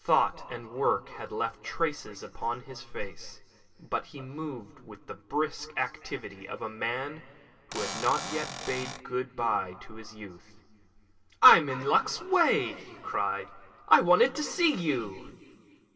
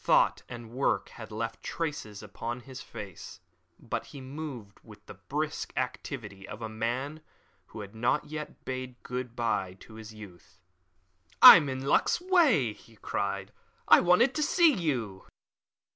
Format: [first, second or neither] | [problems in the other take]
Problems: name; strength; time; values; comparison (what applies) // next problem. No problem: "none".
second | background sound (Cupboard open or close / Door); 7 dB below the speech // room echo; dies away in 2.3 s